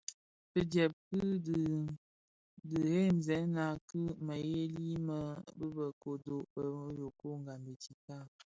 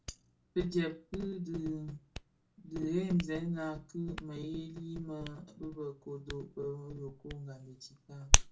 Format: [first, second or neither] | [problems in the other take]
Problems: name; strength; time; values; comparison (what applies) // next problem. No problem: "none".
first | background sound (Hands); as loud as the speech // room echo; dies away in 0.2 s